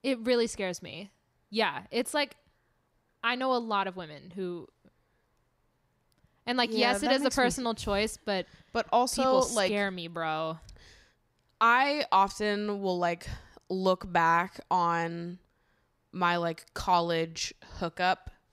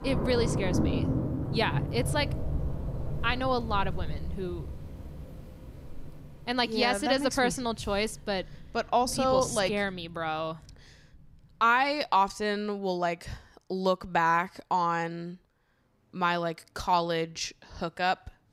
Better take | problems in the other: first | rain or running water; loud; throughout; 5 dB below the speech

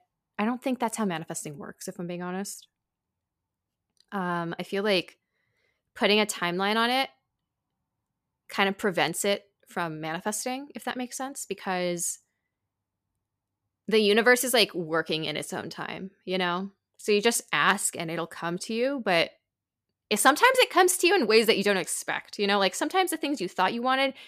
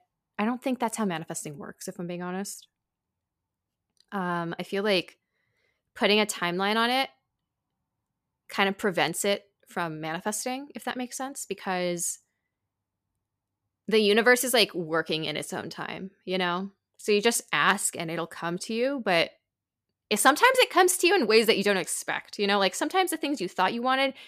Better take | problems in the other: neither | none

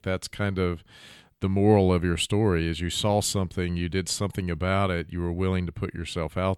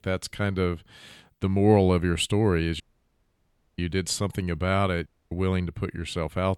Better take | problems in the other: first | audio cutting out; at 3 s for 1 s and at 5 s

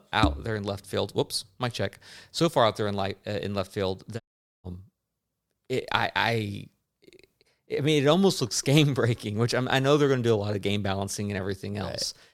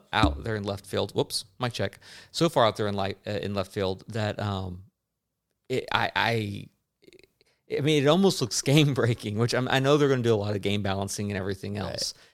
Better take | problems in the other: second | audio cutting out; at 4 s

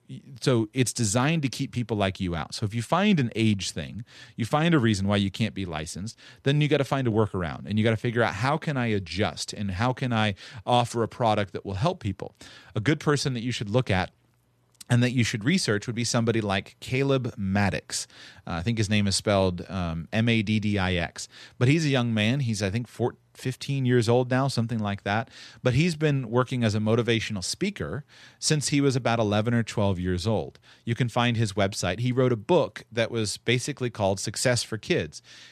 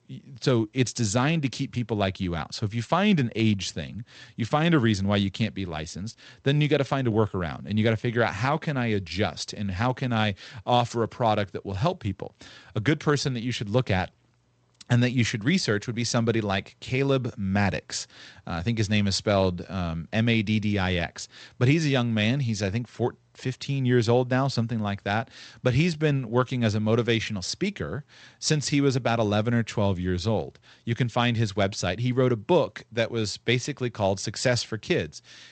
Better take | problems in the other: first | garbled, watery; slightly; nothing above 8 kHz

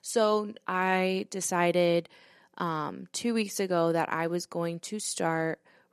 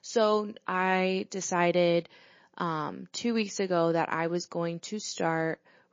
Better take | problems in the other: first | garbled, watery; slightly

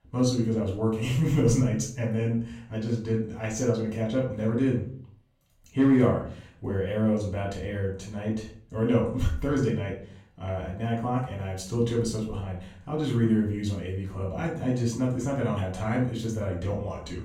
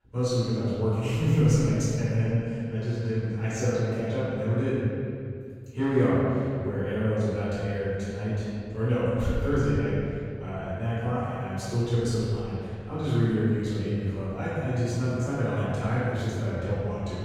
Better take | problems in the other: first | room echo; strong; dies away in 2.2 s; slight in the first // off-mic speech; far; far in the first

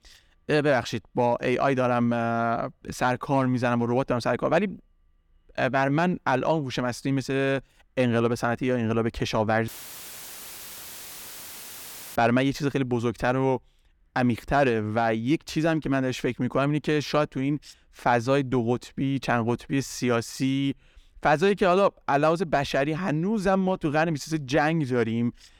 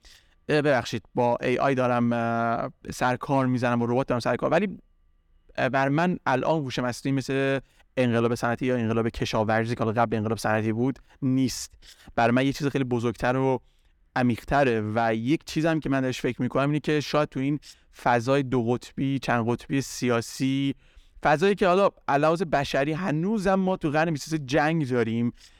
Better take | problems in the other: second | audio cutting out; filled with static; at 9.5 s for 2.5 s

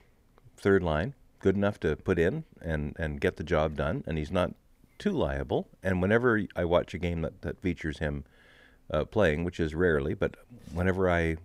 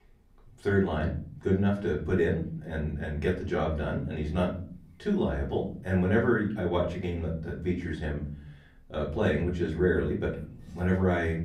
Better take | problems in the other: first | off-mic speech; far // room echo; slight; dies away in 0.6 s

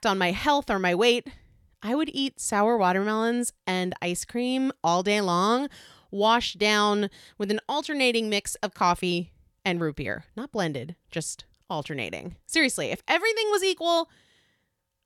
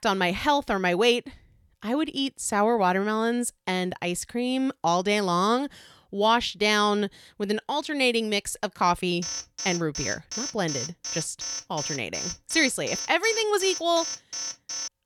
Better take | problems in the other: first | alarm; noticeable; from 9 s on; peak 6 dB below the speech

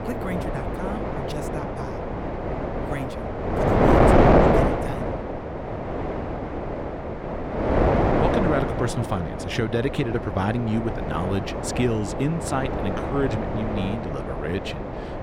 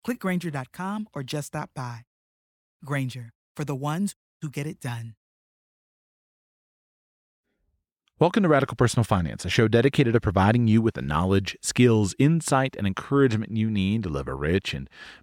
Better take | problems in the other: second | wind noise on the microphone; heavy; 5 dB above the speech

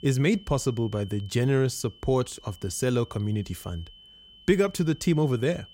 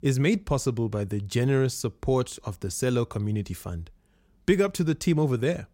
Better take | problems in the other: second | high-pitched whine; faint; throughout; 3 kHz, 25 dB below the speech

